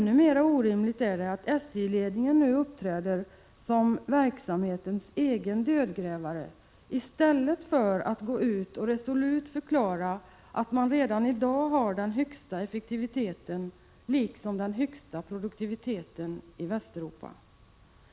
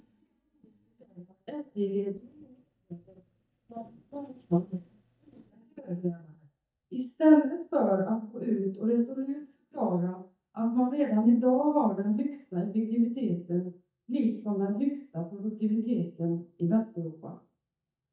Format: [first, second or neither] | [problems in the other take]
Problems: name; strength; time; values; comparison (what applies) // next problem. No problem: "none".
first | noise reduction (neural mask model DeepFilterNet 3)